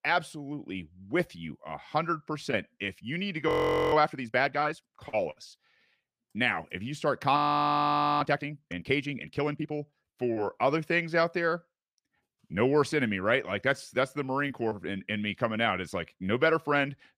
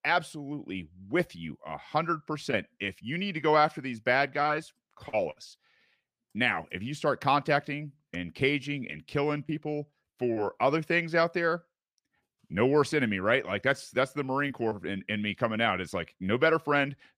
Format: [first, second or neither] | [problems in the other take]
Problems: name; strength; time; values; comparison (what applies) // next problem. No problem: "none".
second | audio freezing; at 3.5 s and at 7.5 s for 1 s